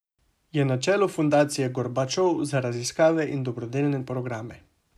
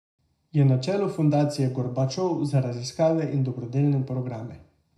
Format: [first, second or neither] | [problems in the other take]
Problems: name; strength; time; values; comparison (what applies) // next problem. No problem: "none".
first | room echo; dies away in 0.4 s